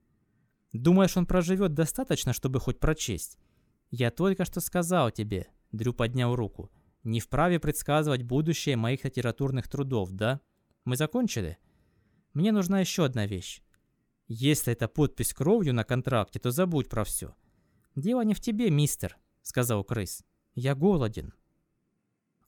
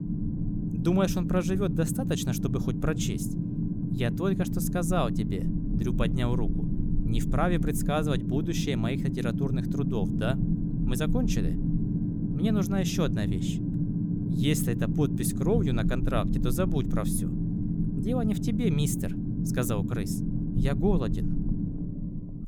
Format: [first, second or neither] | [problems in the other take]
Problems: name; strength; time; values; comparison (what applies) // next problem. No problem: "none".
first | low rumble; loud; throughout; 4 dB below the speech